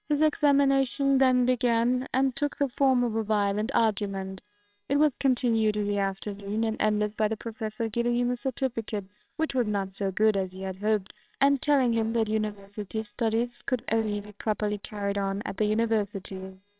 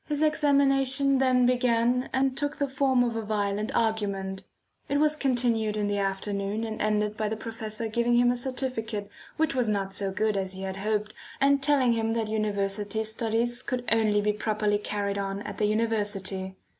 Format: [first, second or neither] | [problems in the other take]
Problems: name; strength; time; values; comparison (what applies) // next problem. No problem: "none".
second | noise reduction (neural separator model SepFormer WHAMR!)